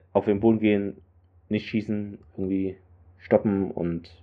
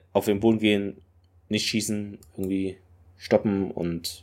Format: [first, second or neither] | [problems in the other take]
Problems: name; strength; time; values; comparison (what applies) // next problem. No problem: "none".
second | muffled; very; fading above 2 kHz